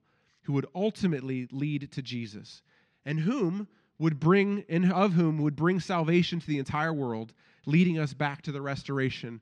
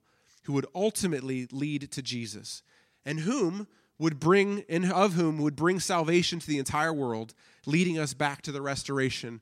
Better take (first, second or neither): second